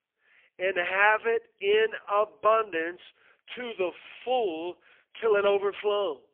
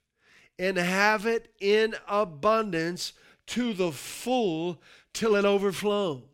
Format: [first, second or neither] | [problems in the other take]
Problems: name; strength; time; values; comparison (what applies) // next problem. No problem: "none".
second | phone-call audio; poor line; nothing above 3 kHz